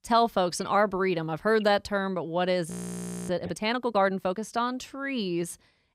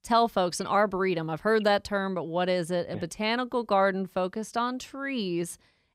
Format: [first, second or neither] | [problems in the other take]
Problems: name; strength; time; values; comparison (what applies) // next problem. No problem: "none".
second | audio freezing; at 2.5 s for 0.5 s